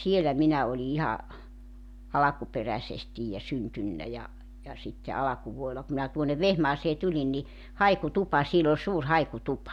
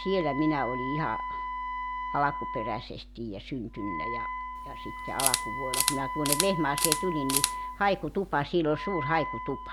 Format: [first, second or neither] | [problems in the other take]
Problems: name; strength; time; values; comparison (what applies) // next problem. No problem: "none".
first | background sound (Wind instrument, woodwind instrument + Camera); 2 dB below the speech